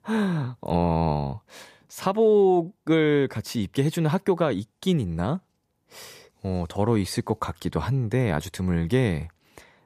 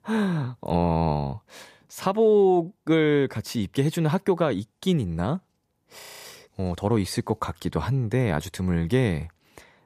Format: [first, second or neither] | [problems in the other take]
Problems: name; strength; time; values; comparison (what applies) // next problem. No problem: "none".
first | audio freezing; at 6 s